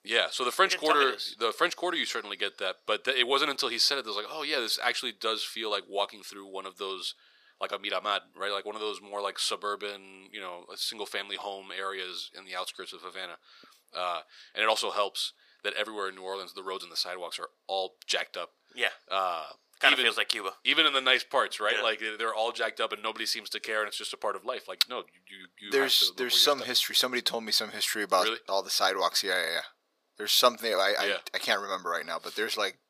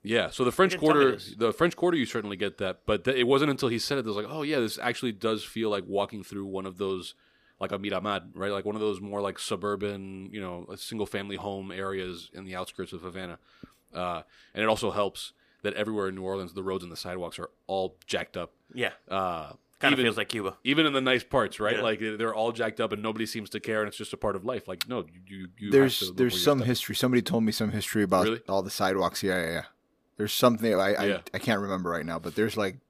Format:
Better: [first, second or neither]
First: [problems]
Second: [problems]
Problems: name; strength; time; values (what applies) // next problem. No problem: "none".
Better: second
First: thin; very; fading below 650 Hz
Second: none